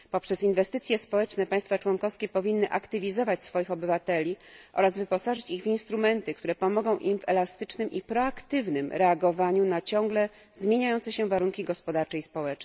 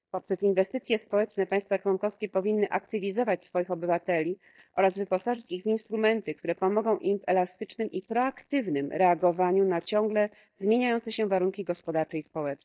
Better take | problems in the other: first | noise reduction (neural mask model DeepFilterNet 3)

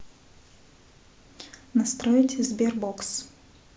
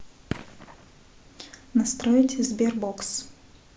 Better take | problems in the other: first | background sound (Fireworks); 16 dB below the speech

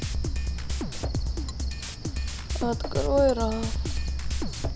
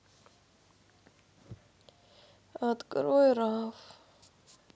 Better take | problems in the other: second | background sound (Drum kit + Cricket); 3 dB above the speech

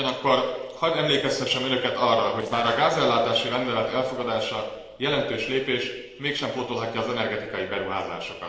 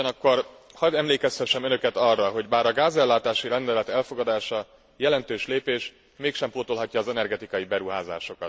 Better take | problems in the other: second | noise reduction (neural separator model SepFormer DNS4)

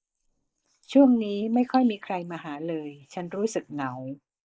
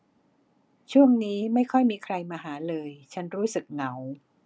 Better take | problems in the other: second | noise reduction (neural mask model Resemble Enhance denoiser)

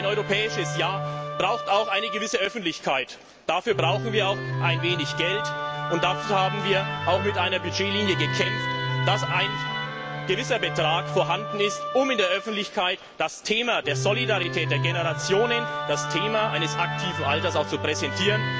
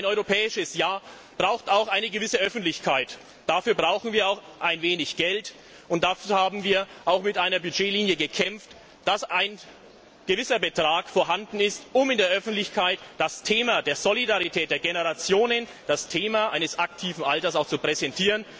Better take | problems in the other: second | background sound (Musical instrument); 4 dB below the speech

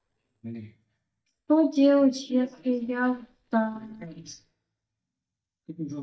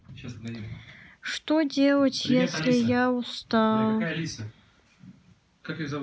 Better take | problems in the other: second | noise reduction (neural mask model DeepFilterNet 3)

